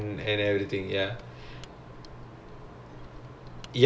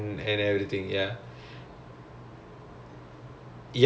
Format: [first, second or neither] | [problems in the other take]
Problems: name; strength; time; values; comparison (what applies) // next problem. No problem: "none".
second | background sound (Mechanisms); 19 dB below the speech